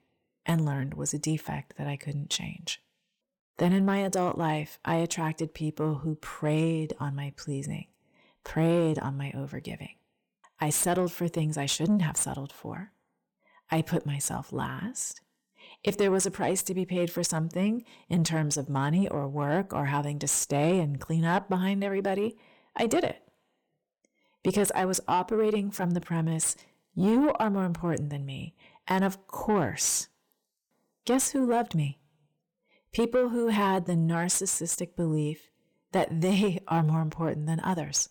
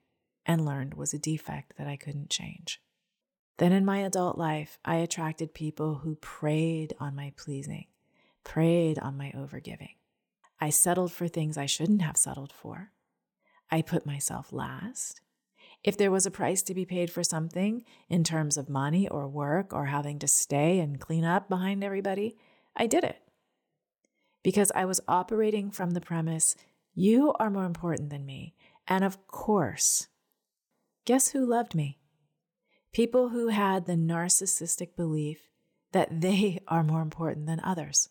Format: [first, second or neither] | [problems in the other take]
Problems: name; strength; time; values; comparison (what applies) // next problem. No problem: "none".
second | distortion; slight; 10 dB below the speech